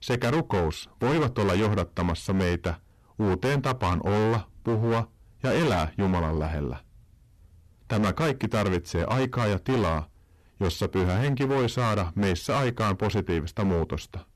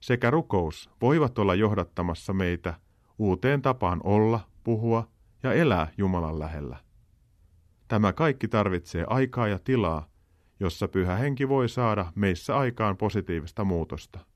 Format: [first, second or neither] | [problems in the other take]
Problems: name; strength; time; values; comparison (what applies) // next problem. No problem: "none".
second | distortion; heavy; 23% of the sound clipped